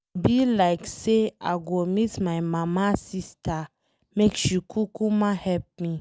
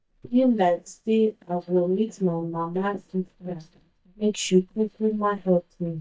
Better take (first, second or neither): first